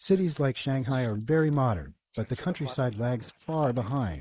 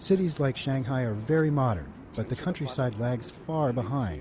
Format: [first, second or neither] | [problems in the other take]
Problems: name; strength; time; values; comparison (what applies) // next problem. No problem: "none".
second | noise reduction (neural mask model Resemble Enhance denoiser)